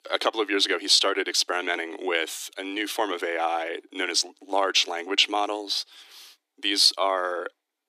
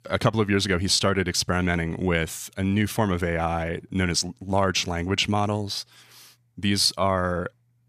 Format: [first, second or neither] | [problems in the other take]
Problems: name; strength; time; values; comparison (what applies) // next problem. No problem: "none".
second | thin; very; fading below 300 Hz